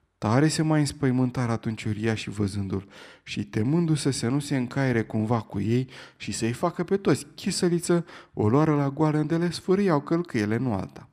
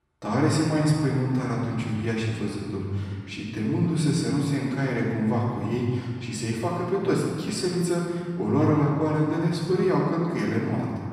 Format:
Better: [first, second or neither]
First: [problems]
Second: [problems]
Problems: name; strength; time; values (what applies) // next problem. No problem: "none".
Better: first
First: none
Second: off-mic speech; far // room echo; noticeable; dies away in 1.8 s